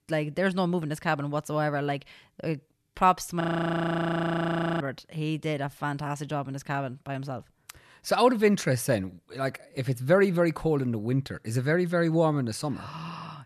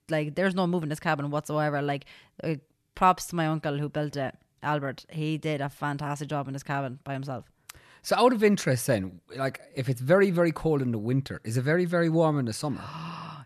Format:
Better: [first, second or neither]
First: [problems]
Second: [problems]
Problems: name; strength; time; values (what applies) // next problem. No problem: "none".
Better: second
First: audio freezing; at 3.5 s for 1.5 s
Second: none